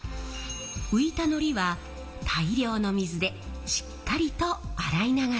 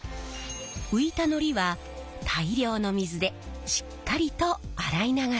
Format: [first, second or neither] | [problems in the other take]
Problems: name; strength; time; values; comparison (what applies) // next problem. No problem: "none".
second | room echo; dies away in 2.1 s